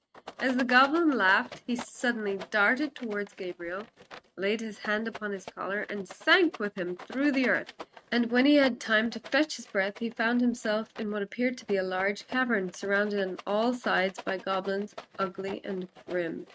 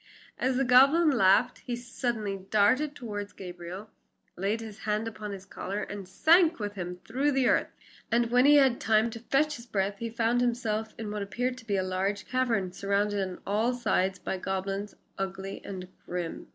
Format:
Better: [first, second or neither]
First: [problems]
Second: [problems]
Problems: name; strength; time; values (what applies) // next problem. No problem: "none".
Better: second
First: noise reduction (neural mask model RNNoise)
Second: none